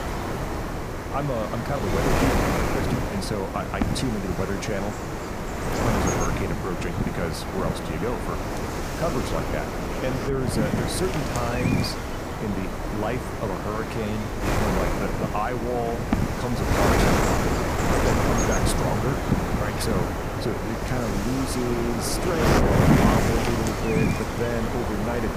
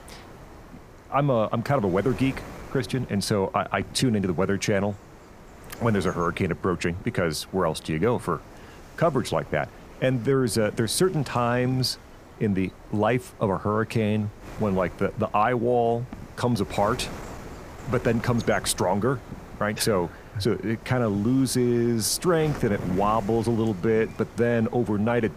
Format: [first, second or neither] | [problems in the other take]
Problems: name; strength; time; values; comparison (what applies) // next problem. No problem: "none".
second | wind noise on the microphone; heavy; 4 dB above the speech; occasional gusts in the second